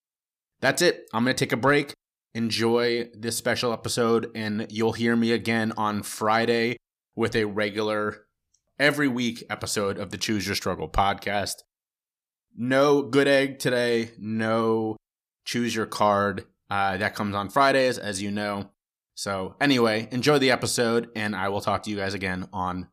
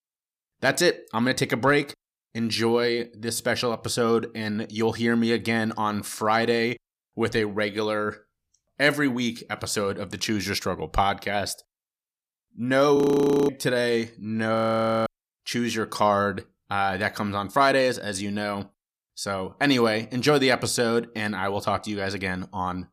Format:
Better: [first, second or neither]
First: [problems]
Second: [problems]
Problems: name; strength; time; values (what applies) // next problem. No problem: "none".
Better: first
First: none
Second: audio freezing; at 13 s for 0.5 s and at 15 s for 0.5 s